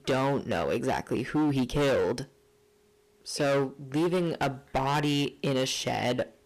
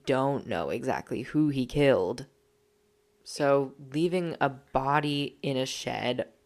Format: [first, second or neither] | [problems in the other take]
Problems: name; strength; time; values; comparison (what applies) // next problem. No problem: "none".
second | distortion; heavy; 15% of the sound clipped